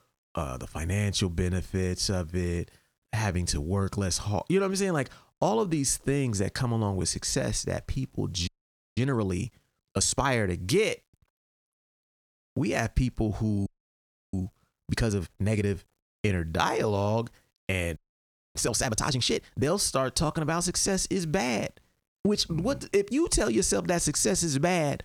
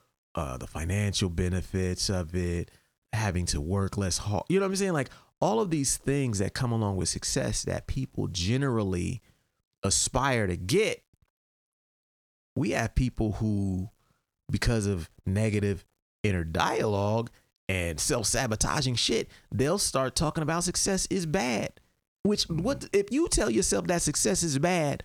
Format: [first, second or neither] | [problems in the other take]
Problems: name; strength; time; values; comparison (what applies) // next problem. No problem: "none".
second | audio freezing; at 8.5 s for 0.5 s, at 14 s for 0.5 s and at 18 s for 0.5 s